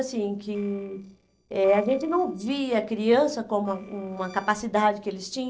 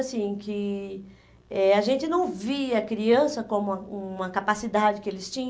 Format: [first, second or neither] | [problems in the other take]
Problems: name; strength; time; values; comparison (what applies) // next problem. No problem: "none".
second | noise reduction (neural separator model SepFormer DNS4)